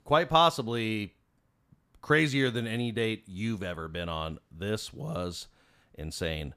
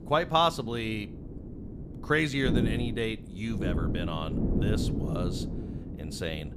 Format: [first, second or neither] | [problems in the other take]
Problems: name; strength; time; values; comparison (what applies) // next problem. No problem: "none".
first | wind noise on the microphone; occasional gusts; 10 dB below the speech